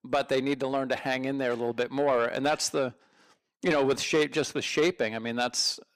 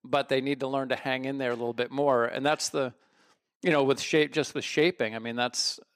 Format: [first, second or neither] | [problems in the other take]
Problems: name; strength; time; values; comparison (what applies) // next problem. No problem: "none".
second | distortion; slight; 10 dB below the speech